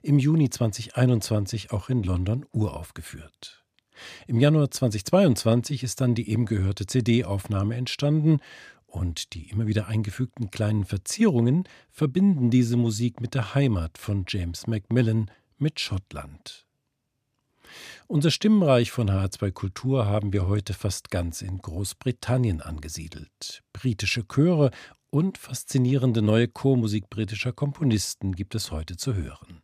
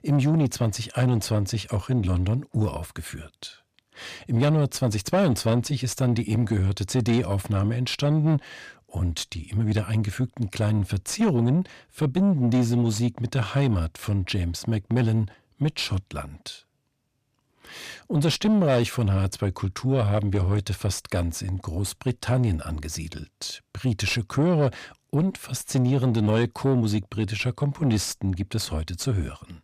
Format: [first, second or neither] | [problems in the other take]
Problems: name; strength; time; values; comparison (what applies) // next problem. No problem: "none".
first | distortion; slight; 10 dB below the speech